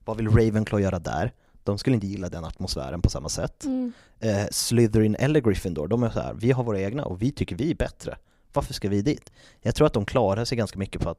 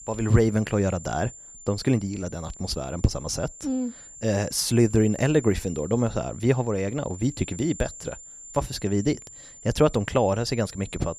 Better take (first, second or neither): first